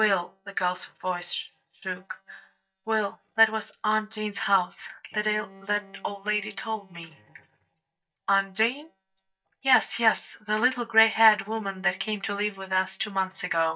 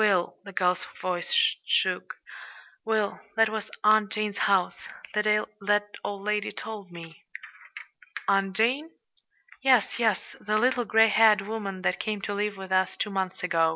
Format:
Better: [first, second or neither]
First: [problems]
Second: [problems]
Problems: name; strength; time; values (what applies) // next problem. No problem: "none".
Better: second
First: noise reduction (neural mask model DeepFilterNet 3)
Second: none